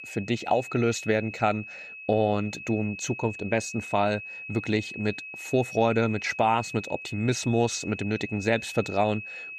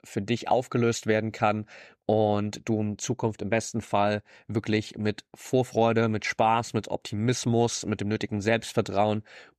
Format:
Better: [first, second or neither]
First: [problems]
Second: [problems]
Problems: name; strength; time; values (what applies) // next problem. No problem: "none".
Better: second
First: high-pitched whine; noticeable; throughout; 2.5 kHz, 10 dB below the speech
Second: none